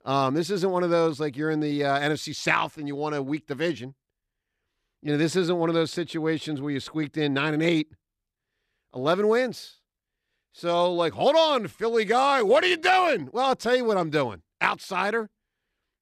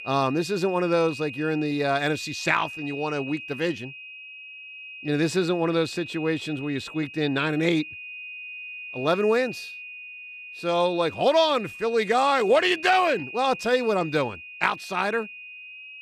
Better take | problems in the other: first | high-pitched whine; noticeable; throughout; 2.5 kHz, 15 dB below the speech

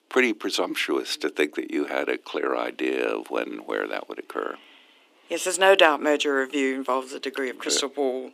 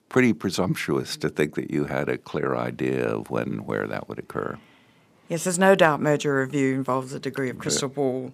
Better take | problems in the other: second | thin; very slightly; fading below 300 Hz

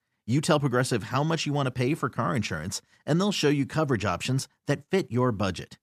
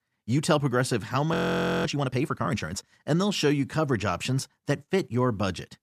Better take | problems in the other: first | audio freezing; at 1.5 s for 0.5 s

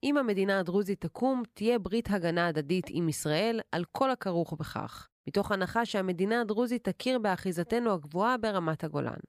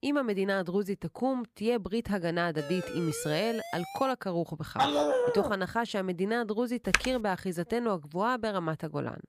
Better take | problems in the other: first | siren; noticeable; from 2.5 to 4 s; peak 8 dB below the speech // dog barking; loud; at 5 s; peak 5 dB above the speech // keyboard typing; very faint; at 7 s; peak 3 dB above the speech

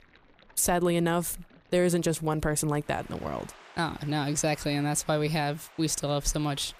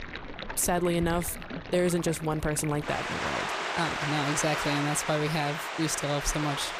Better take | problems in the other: first | rain or running water; loud; throughout; 4 dB below the speech; faint in the first

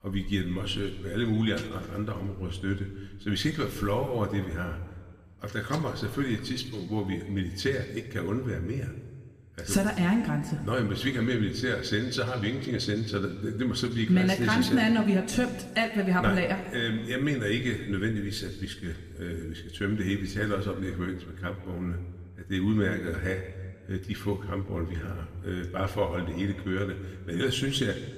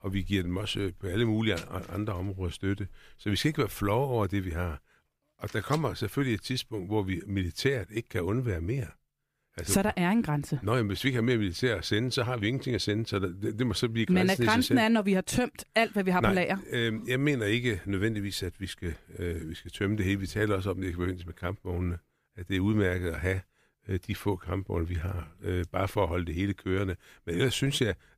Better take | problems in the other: second | room echo; slight; dies away in 1.5 s

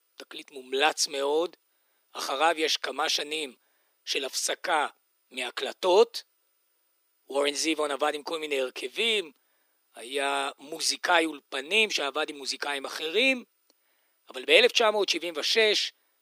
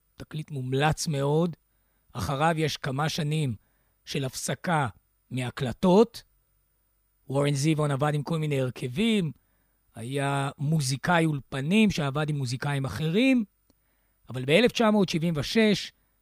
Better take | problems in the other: second | thin; very; fading below 300 Hz

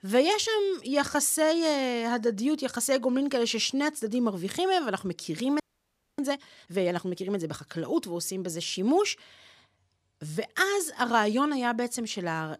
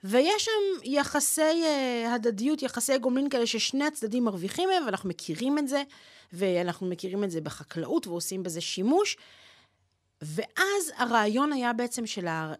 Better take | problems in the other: second | audio freezing; at 5.5 s for 0.5 s

